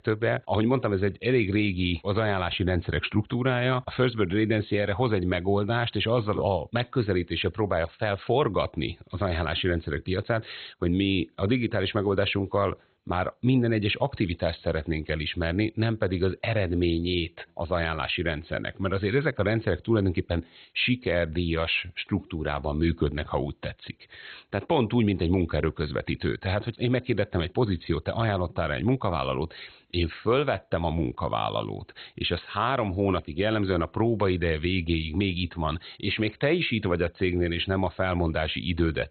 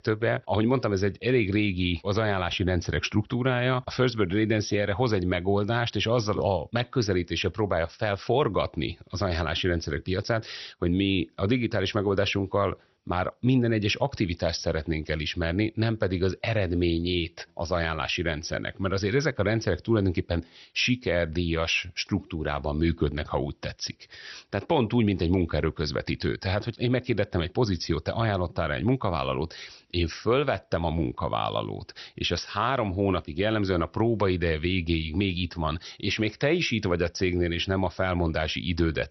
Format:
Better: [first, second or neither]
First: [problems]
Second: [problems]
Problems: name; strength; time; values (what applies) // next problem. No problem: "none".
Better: second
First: garbled, watery; badly; nothing above 4 kHz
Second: garbled, watery; slightly; nothing above 6 kHz